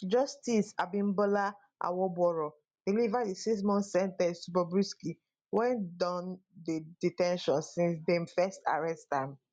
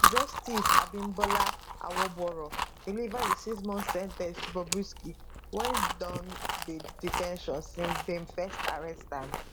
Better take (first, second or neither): first